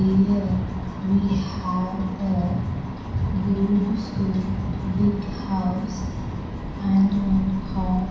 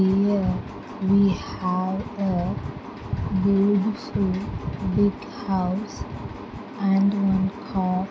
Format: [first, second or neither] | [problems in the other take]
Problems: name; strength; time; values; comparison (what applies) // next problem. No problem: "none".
second | background sound (Car); 9 dB below the speech // room echo; dies away in 1.1 s